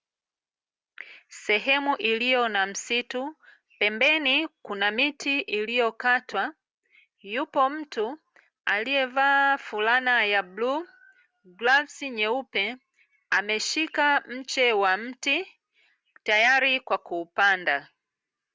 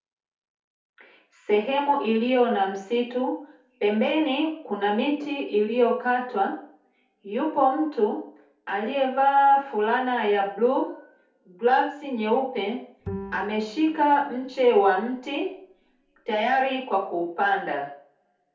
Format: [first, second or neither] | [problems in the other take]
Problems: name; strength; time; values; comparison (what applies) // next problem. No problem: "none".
first | background sound (Bowed string instrument); 17 dB below the speech // room echo; dies away in 0.5 s